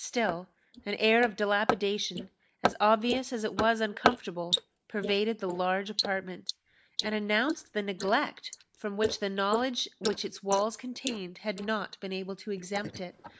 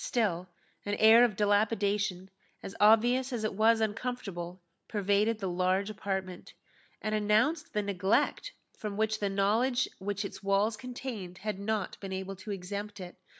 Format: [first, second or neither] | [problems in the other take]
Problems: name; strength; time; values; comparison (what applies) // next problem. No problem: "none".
second | noise reduction (neural mask model Resemble Enhance denoiser)